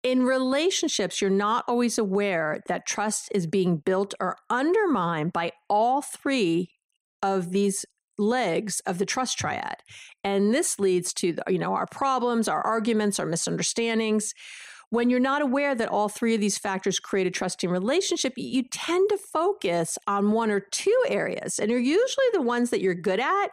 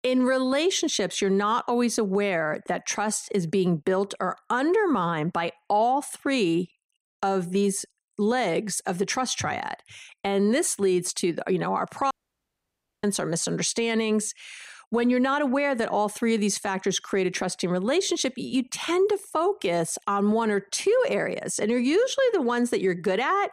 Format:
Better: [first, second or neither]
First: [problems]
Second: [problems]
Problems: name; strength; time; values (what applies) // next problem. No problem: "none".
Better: first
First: none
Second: audio cutting out; at 12 s for 1 s